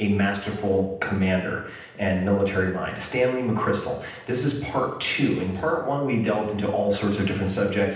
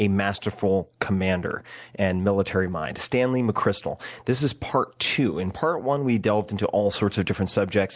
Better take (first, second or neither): second